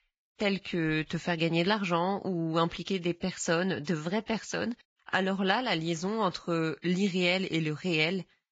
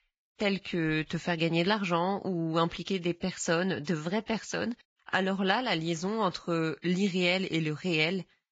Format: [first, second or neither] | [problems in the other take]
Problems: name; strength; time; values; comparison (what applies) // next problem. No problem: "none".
neither | garbled, watery; badly; nothing above 7.5 kHz; the same in both